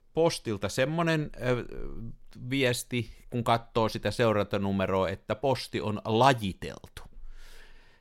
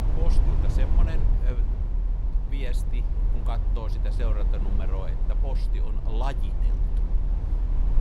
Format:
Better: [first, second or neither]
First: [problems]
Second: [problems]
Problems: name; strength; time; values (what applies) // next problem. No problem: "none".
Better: first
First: none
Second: low rumble; loud; throughout; 3 dB below the speech